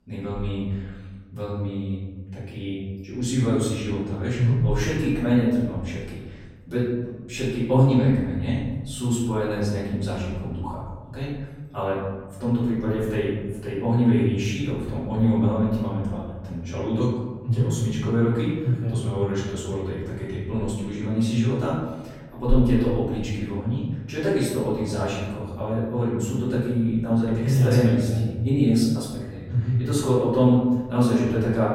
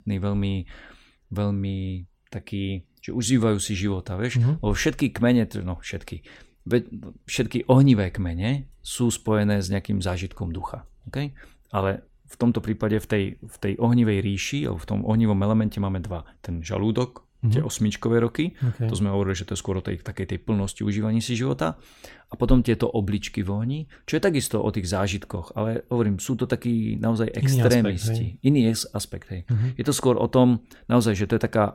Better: second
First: room echo; noticeable; dies away in 1.2 s // off-mic speech; far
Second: none

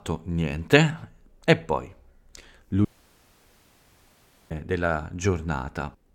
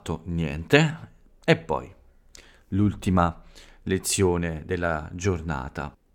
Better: second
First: audio cutting out; at 3 s for 1.5 s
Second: none

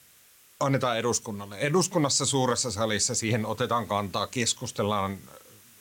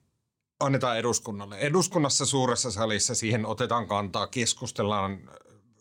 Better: second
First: hiss; faint; throughout; 25 dB below the speech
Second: none

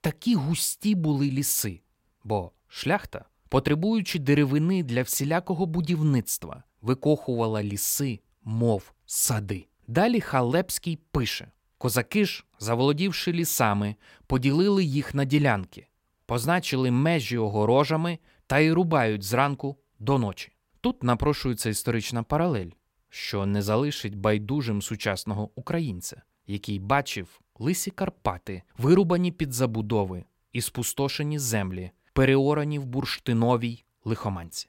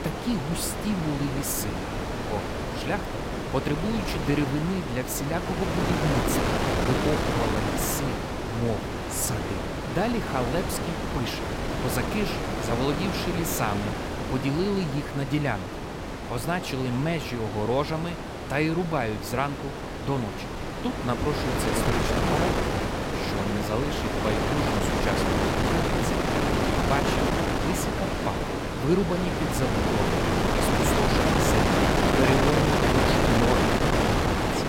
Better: first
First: none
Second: wind noise on the microphone; heavy; 4 dB above the speech

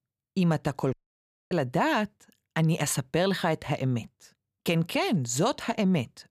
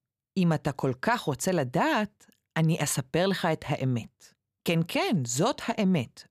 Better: second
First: audio cutting out; at 1 s for 0.5 s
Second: none

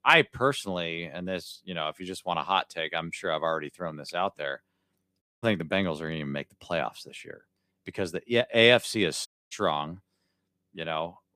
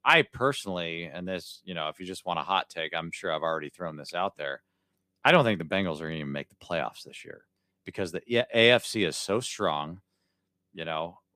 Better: second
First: audio cutting out; at 5 s and at 9.5 s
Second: none

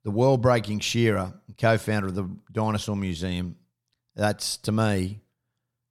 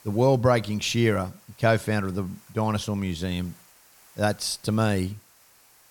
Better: first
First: none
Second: hiss; faint; throughout; 25 dB below the speech

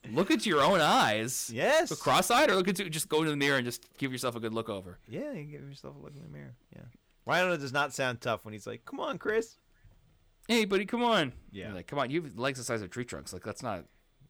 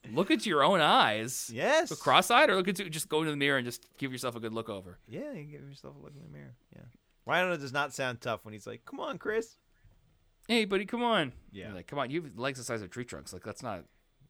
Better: second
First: distortion; slight; 3% of the sound clipped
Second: none

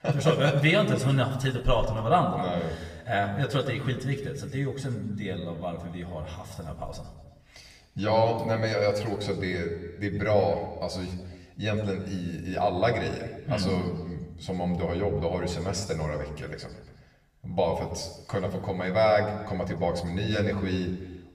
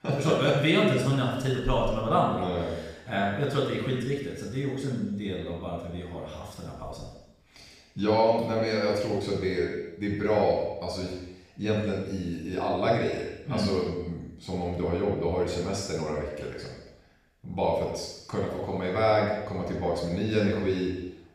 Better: first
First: room echo; slight; dies away in 1.2 s // off-mic speech; somewhat distant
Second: room echo; strong; dies away in 0.9 s // off-mic speech; far

